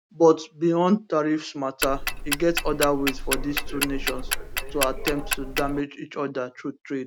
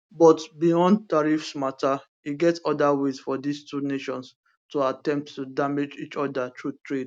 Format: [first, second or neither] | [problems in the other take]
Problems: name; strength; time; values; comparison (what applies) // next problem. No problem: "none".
second | background sound (Tick-tock); 3 dB below the speech